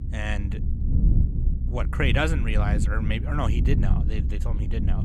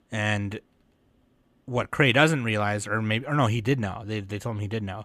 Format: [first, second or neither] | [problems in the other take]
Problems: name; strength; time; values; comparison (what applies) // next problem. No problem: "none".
second | low rumble; loud; throughout; 9 dB below the speech